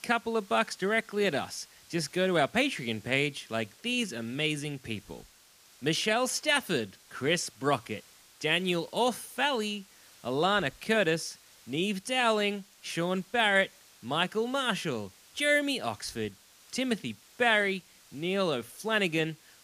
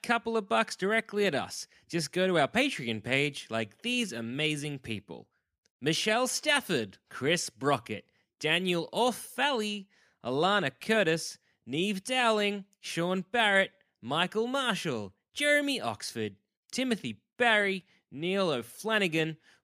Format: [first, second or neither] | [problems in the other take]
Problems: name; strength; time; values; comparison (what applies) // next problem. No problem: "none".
second | hiss; faint; throughout; 25 dB below the speech